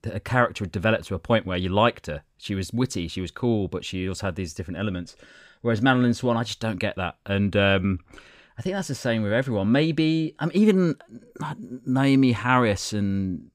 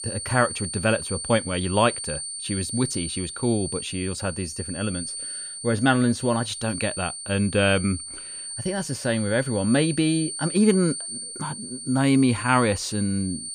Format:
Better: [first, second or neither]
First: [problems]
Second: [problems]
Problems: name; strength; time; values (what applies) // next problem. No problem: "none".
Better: first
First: none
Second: high-pitched whine; loud; throughout; 9 kHz, 7 dB below the speech